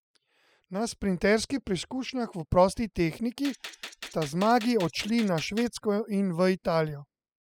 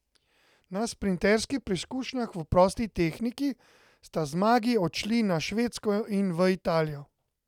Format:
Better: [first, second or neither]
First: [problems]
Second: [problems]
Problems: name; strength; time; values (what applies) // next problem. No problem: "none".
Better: second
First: noise reduction (classical method spectral subtraction)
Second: none